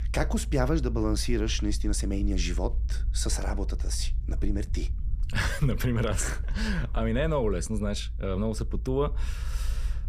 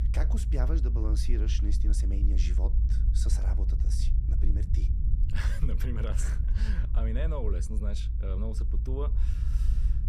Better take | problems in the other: first | low rumble; loud; throughout; 6 dB below the speech; faint in the first

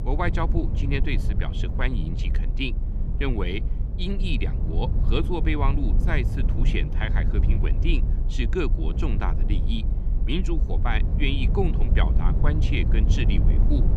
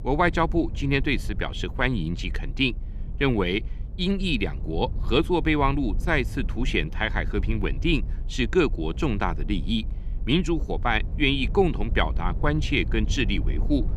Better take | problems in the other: second | low rumble; loud; throughout; 8 dB below the speech; faint in the second

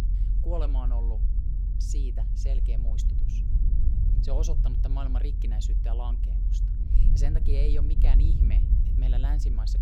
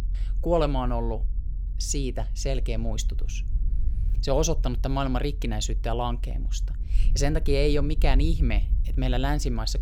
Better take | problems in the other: second | low rumble; loud; throughout; 4 dB below the speech; faint in the second

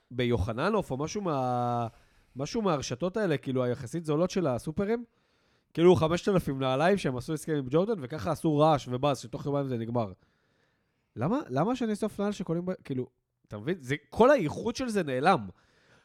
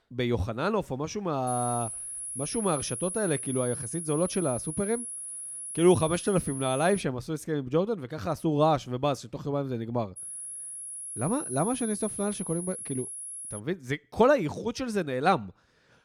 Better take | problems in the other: first | high-pitched whine; loud; from 1.5 to 7 s and from 10 to 14 s; 10.5 kHz, 6 dB below the speech

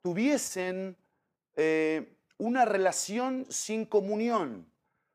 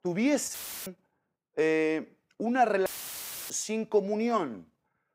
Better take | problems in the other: first | audio cutting out; filled with static; at 0.5 s and at 3 s for 0.5 s

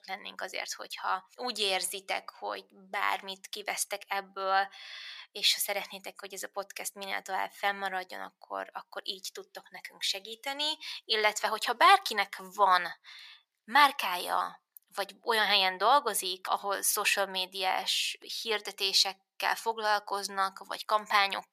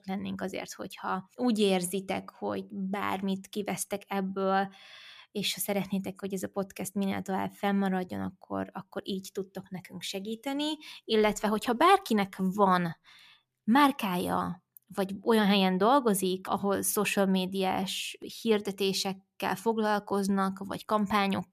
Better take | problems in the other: second | thin; very; fading below 800 Hz

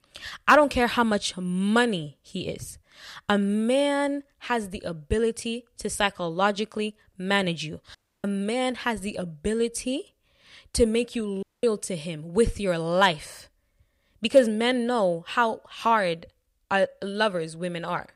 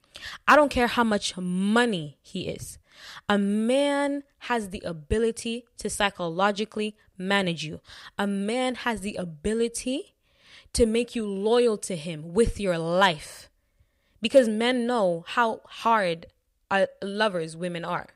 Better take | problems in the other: second | audio cutting out; at 8 s and at 11 s

